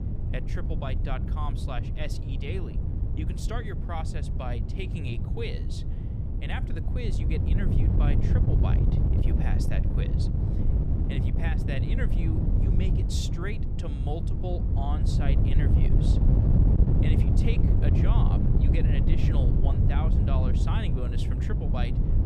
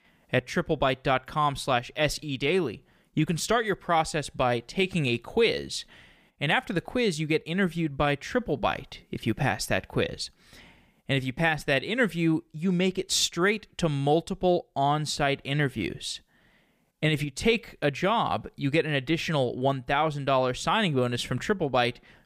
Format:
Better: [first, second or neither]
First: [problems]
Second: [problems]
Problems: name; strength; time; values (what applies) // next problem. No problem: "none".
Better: second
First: wind noise on the microphone; heavy; as loud as the speech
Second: none